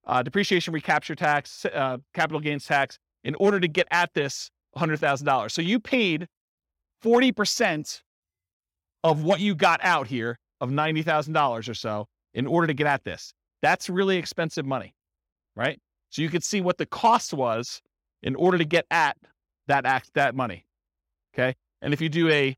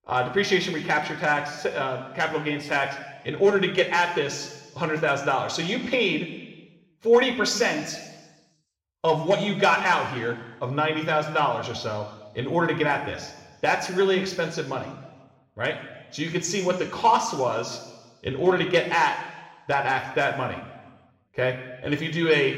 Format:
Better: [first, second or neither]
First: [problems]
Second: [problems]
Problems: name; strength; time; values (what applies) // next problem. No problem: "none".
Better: first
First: none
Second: room echo; slight; dies away in 1.1 s